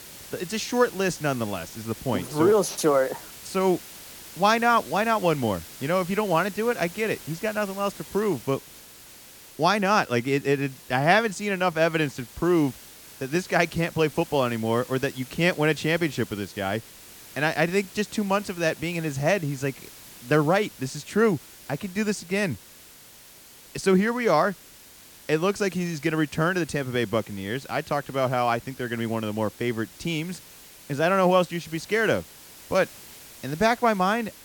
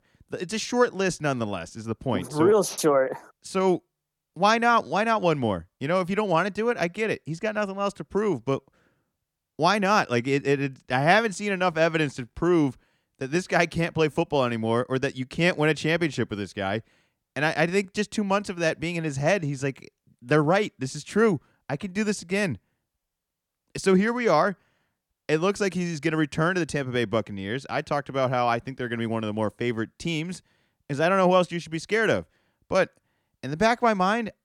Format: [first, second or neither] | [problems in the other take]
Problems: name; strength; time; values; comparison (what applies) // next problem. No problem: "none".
second | hiss; noticeable; throughout; 20 dB below the speech